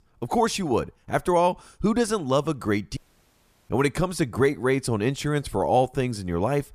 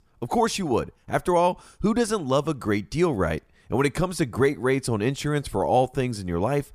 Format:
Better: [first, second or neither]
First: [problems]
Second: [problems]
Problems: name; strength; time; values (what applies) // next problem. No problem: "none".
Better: second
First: audio cutting out; at 3 s for 0.5 s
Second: none